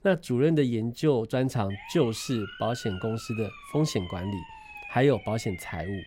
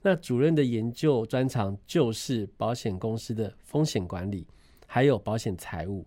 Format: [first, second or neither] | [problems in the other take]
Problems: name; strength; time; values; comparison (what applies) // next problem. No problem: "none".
second | siren; faint; from 1.5 s on; peak 15 dB below the speech